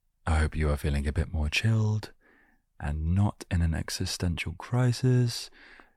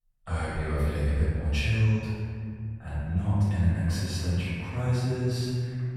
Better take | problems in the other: first | off-mic speech; far // room echo; strong; dies away in 2 s

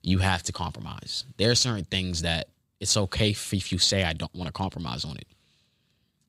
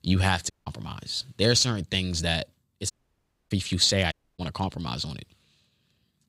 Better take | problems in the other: first | audio cutting out; at 0.5 s, at 3 s for 0.5 s and at 4 s

